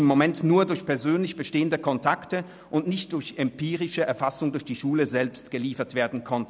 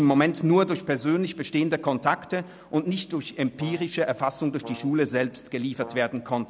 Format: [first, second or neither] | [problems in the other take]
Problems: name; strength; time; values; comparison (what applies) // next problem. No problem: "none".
first | background sound (Brass instrument); 18 dB below the speech